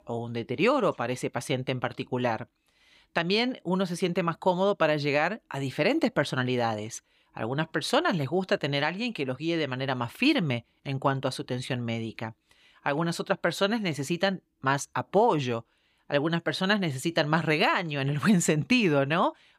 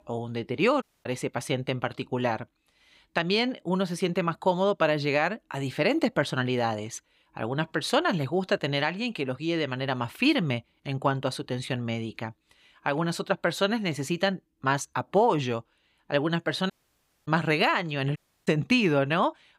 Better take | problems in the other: first | audio cutting out; at 1 s, at 17 s for 0.5 s and at 18 s

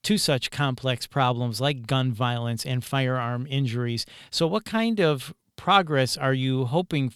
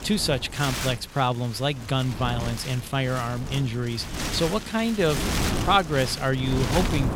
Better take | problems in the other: first | wind noise on the microphone; heavy; 6 dB below the speech

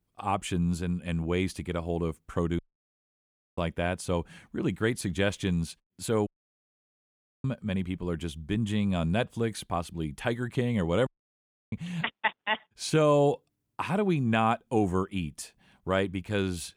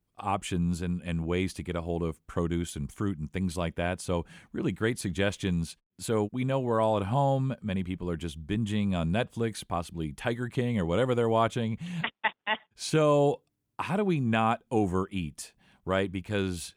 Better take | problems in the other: second | audio cutting out; at 2.5 s for 1 s, at 6.5 s for 1 s and at 11 s for 0.5 s

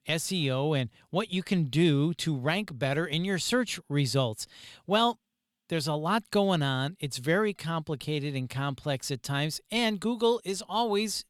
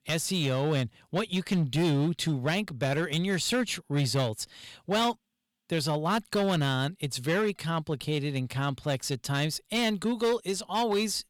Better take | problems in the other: first | distortion; slight; 8% of the sound clipped

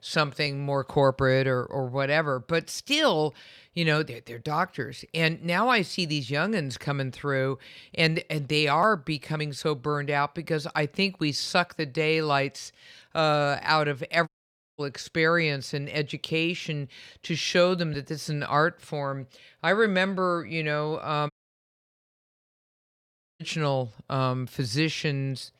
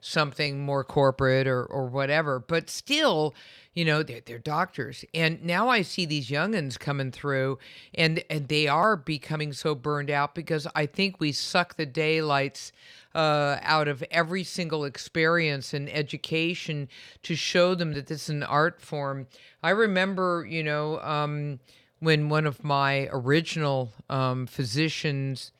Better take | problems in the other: second | audio cutting out; at 14 s for 0.5 s and at 21 s for 2 s

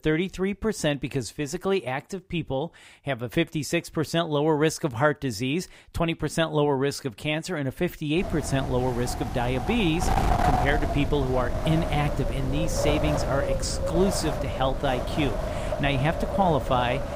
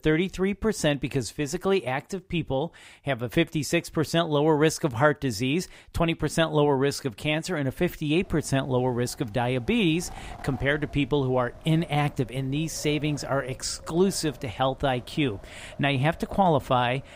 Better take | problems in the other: second | wind noise on the microphone; heavy; from 8 s on; 2 dB below the speech; occasional gusts in the second

